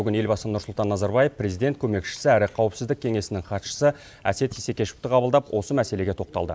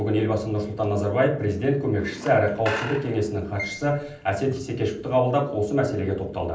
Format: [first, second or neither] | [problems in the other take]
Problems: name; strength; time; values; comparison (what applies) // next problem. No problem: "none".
first | background sound (Squeak / Screech); 13 dB below the speech // room echo; dies away in 0.6 s